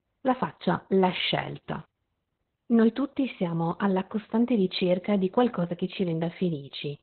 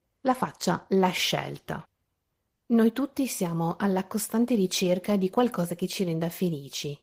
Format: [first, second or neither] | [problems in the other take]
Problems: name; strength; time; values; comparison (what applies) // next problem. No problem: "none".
second | garbled, watery; badly; nothing above 4 kHz; slightly in the second